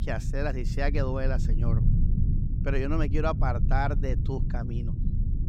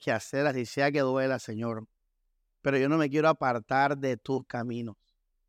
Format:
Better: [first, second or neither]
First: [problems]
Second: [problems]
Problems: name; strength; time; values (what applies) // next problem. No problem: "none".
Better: second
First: low rumble; loud; throughout; 9 dB below the speech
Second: none